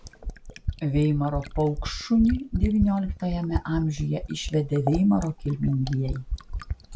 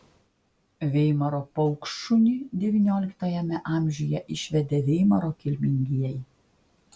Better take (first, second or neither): second